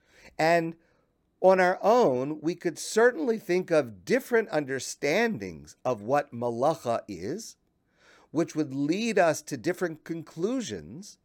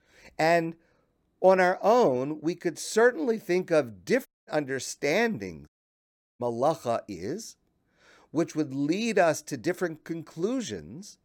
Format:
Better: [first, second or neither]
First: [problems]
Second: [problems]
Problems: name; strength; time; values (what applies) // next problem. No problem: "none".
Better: first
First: none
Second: audio cutting out; at 4.5 s and at 5.5 s for 0.5 s